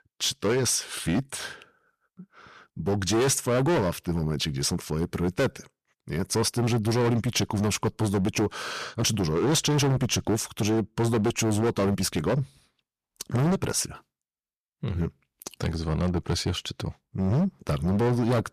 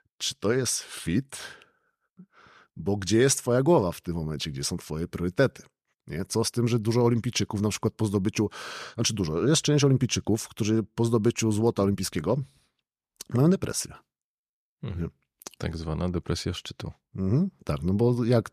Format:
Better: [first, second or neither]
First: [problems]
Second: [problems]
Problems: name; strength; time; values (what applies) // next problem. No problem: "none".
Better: second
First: distortion; heavy; 14% of the sound clipped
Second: none